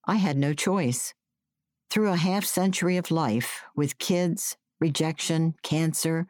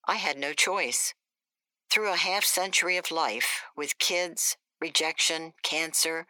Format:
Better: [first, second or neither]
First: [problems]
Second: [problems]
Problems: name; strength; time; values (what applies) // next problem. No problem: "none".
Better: first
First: none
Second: thin; very; fading below 500 Hz